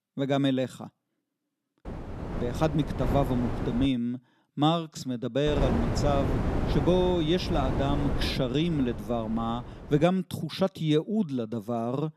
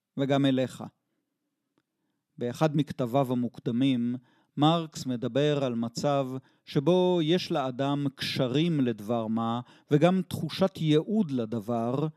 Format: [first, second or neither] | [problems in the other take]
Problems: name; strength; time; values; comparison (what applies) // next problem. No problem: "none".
second | wind noise on the microphone; heavy; from 2 to 4 s and from 5.5 to 10 s; 7 dB below the speech